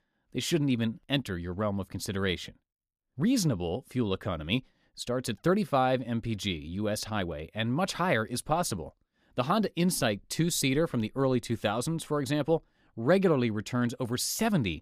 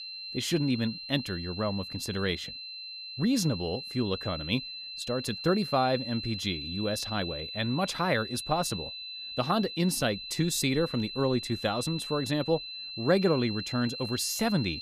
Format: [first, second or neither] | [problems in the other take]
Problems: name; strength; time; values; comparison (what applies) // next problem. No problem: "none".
first | high-pitched whine; loud; throughout; 4 kHz, 7 dB below the speech